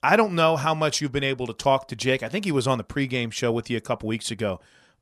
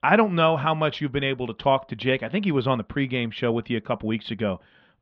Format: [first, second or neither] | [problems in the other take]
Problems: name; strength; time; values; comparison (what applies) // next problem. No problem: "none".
first | muffled; very; fading above 3.5 kHz